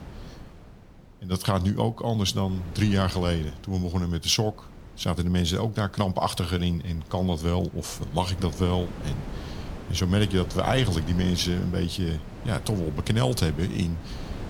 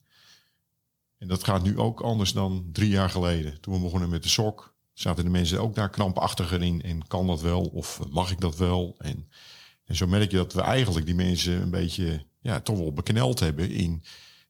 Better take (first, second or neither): second